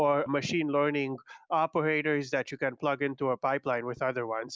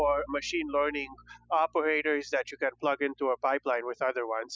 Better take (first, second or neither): first